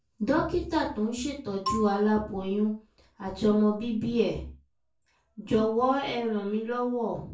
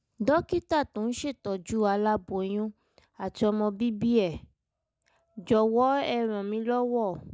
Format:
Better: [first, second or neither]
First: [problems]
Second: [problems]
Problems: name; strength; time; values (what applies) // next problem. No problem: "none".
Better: second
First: background sound (Marimba, xylophone); 10 dB below the speech // room echo; dies away in 0.3 s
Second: none